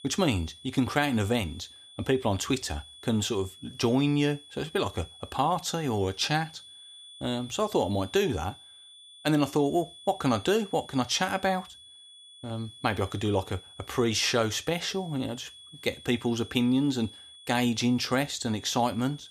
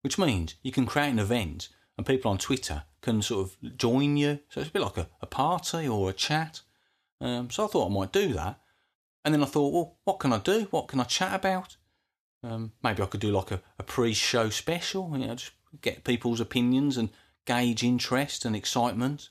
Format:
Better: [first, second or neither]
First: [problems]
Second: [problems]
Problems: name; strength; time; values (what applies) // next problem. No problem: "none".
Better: second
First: high-pitched whine; noticeable; throughout; 3.5 kHz, 20 dB below the speech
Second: none